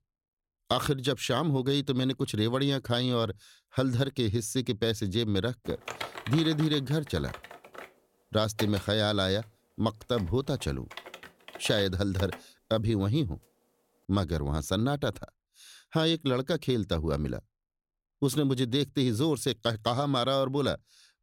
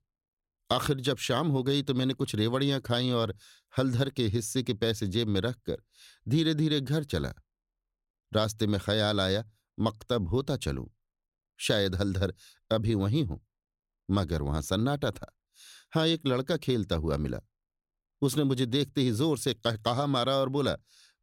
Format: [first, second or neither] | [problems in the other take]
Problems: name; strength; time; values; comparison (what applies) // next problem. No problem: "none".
second | keyboard typing; noticeable; from 5.5 to 12 s; peak 8 dB below the speech